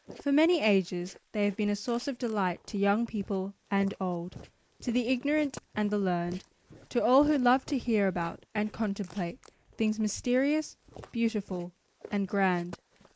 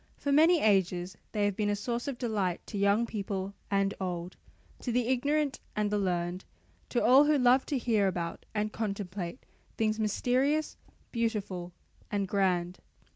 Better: second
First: noise reduction (neural mask model Resemble Enhance denoiser)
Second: none

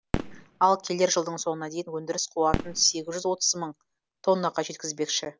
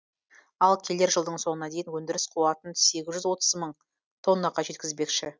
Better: second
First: background sound (Fireworks); 10 dB below the speech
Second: none

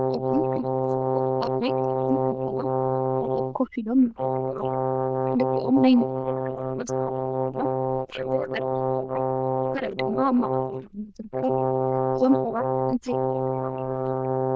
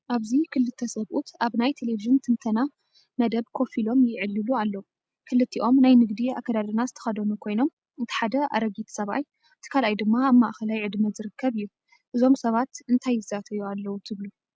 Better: second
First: noise reduction (neural diffusion model UNIVERSE++)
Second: none

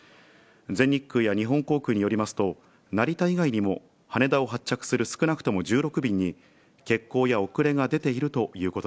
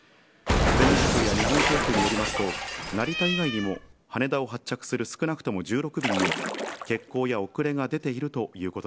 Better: first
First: none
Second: background sound (Splash, splatter + Cat); as loud as the speech

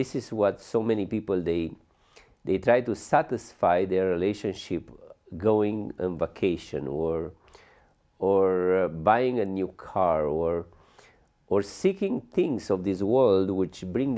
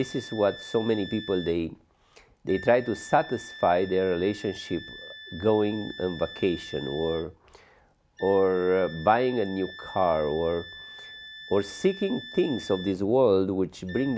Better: first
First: none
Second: background sound (Wind instrument, woodwind instrument); 17 dB below the speech

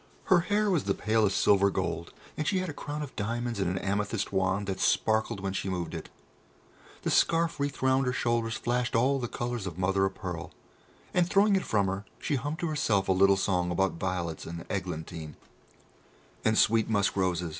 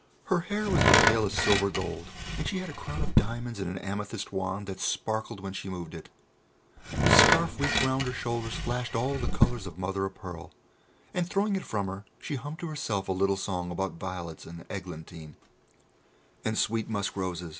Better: first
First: none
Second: background sound (Tools); 5 dB above the speech

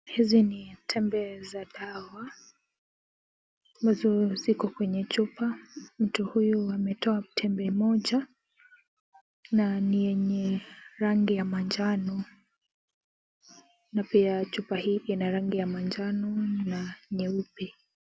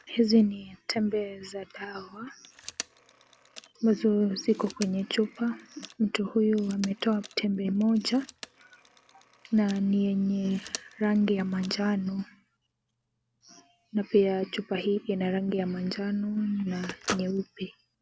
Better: first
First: none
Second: background sound (Telephone); 18 dB below the speech

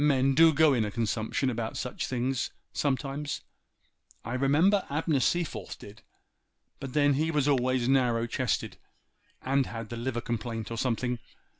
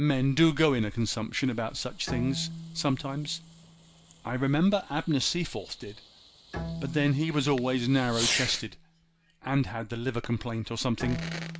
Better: first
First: none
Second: background sound (Bowed string instrument + Fireworks); 10 dB below the speech

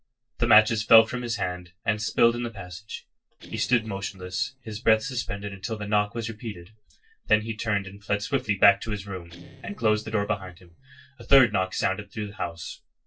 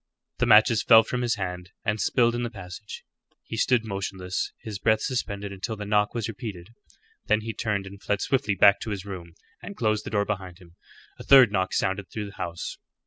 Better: second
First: noise reduction (neural separator model SepFormer DNS4)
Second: none

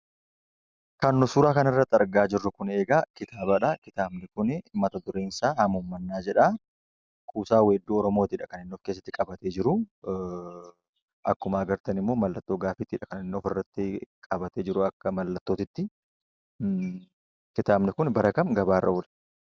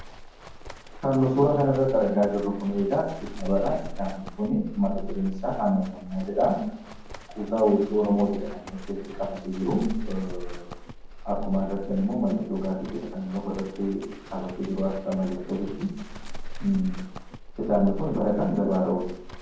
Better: first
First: none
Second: background sound (Livestock, farm animals, working animals); 9 dB below the speech // room echo; dies away in 1.2 s

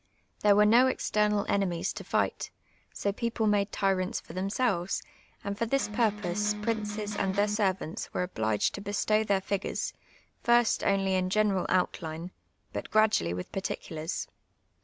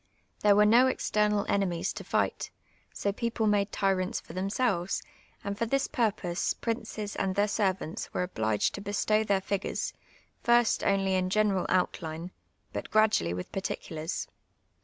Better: second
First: background sound (Electric guitar); 7 dB below the speech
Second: none

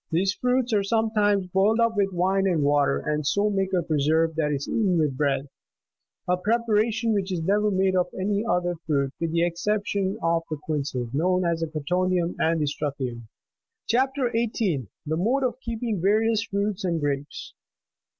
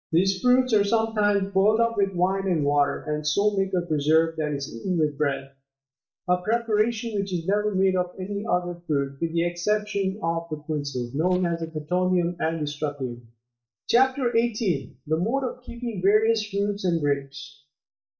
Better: first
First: none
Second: noise reduction (neural mask model DeepFilterNet 3)

